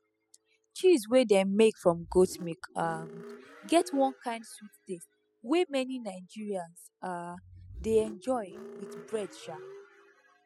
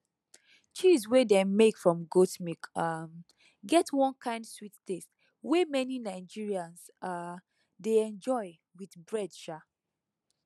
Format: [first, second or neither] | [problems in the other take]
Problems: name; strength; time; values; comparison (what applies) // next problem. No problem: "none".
second | noise reduction (classical method spectral subtraction)